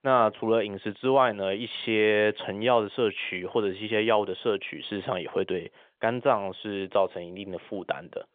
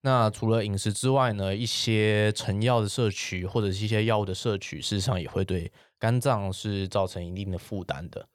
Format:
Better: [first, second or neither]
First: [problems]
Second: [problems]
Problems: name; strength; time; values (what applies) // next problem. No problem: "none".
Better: second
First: phone-call audio; nothing above 3.5 kHz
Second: none